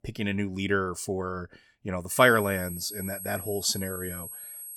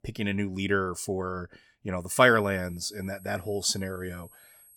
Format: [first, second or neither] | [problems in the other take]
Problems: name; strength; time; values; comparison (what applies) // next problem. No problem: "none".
second | high-pitched whine; loud; from 2 s on; 11.5 kHz, 9 dB below the speech; faint in the second